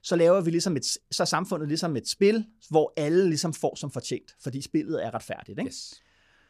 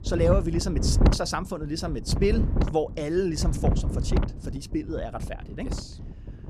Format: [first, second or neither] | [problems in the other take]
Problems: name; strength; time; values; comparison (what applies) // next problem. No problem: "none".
first | wind noise on the microphone; heavy; 6 dB below the speech